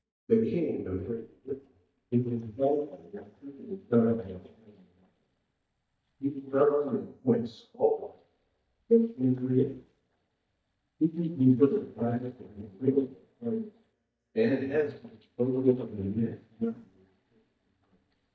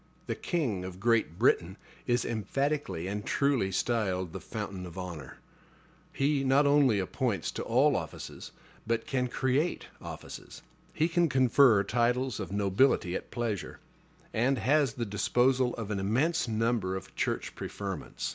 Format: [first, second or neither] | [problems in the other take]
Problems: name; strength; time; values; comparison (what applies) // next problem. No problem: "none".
second | noise reduction (neural mask model DeepFilterNet 3)